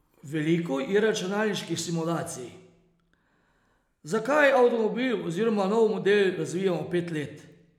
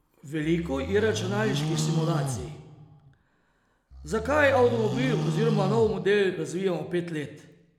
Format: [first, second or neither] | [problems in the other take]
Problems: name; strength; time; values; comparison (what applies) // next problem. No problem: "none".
first | background sound (Livestock, farm animals, working animals); 5 dB below the speech